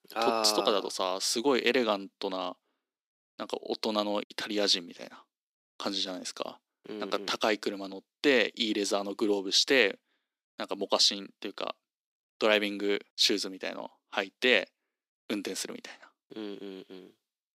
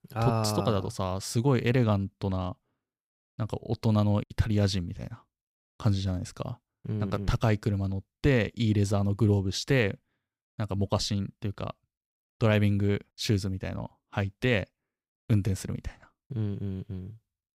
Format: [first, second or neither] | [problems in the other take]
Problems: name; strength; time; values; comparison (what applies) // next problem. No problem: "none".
second | thin; somewhat; fading below 250 Hz